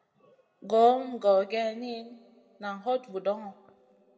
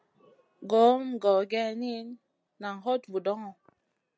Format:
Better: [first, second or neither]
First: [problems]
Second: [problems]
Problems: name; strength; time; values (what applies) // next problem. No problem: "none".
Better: second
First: room echo; dies away in 1.3 s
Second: none